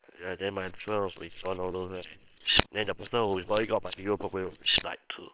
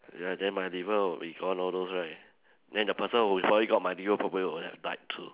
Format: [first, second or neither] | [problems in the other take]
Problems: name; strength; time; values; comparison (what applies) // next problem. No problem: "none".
second | noise reduction (neural separator model SepFormer WHAM!)